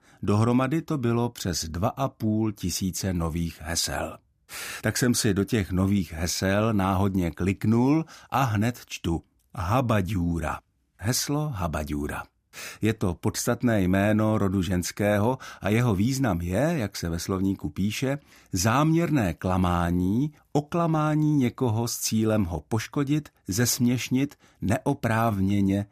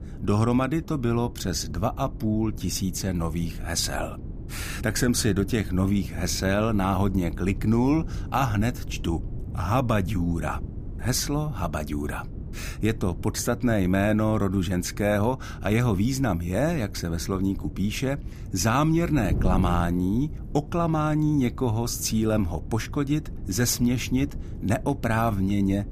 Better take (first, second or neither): first